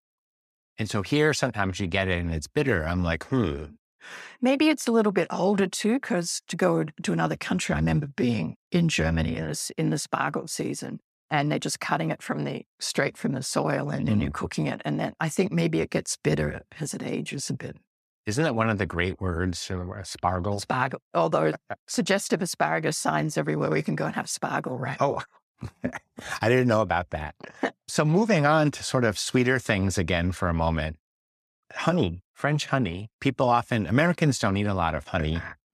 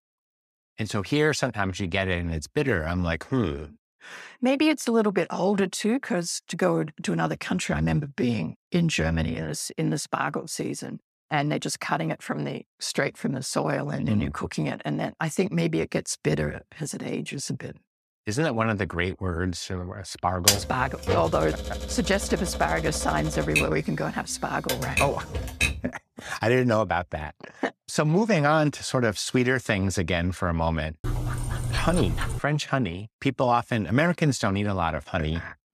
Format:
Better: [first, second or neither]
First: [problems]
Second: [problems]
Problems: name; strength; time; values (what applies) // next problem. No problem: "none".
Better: first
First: none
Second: keyboard typing; loud; from 20 to 26 s; peak 5 dB above the speech // dog barking; noticeable; from 31 to 32 s; peak 3 dB below the speech